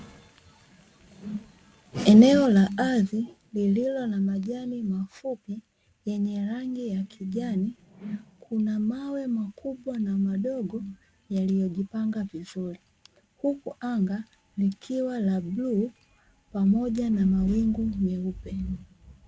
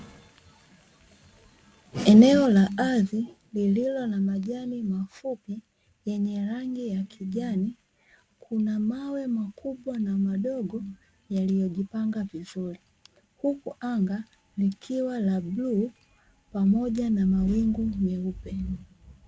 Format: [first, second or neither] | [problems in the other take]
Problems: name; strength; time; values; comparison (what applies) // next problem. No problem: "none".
second | background sound (Whoosh, swoosh, swish); 17 dB below the speech